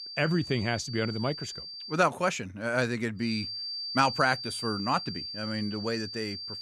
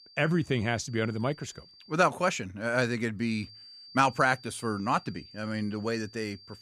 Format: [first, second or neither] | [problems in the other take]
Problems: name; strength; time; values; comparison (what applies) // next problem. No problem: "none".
second | high-pitched whine; loud; until 2 s and from 3 s on; 4.5 kHz, 6 dB below the speech; faint in the second